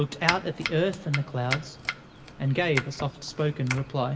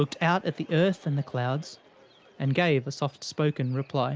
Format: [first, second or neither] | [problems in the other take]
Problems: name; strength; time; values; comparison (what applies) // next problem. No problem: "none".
second | background sound (Domestic sounds, home sounds); 7 dB below the speech // room echo; dies away in 0.7 s